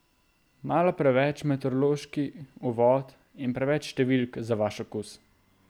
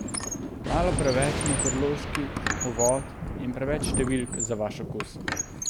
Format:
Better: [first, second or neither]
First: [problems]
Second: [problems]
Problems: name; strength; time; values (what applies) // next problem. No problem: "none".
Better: first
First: none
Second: background sound (Thunder + Squeak); 1 dB below the speech